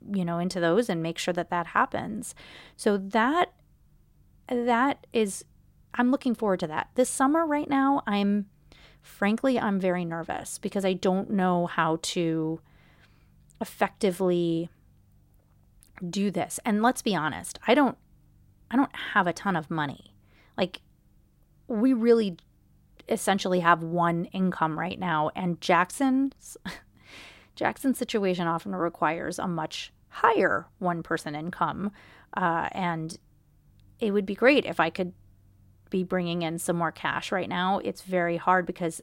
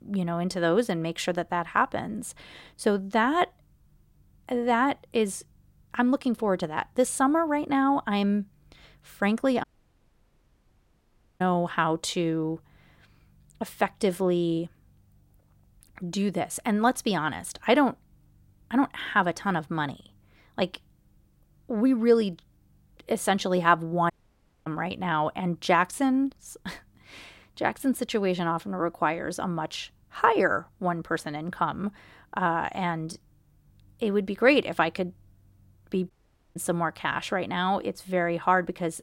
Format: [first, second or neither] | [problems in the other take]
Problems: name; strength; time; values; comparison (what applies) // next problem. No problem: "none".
first | audio cutting out; at 9.5 s for 2 s, at 24 s for 0.5 s and at 36 s